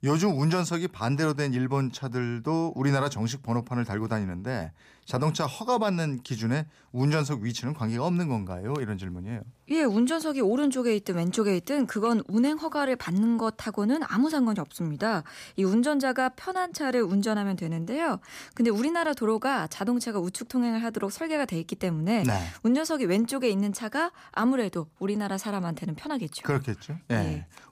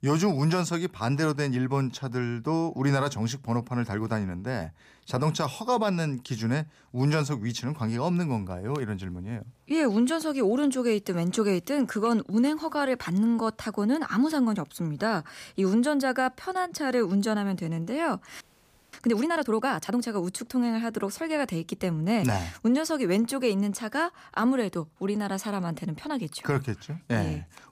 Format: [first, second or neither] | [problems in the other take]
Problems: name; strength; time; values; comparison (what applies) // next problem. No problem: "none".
first | audio freezing; at 18 s for 0.5 s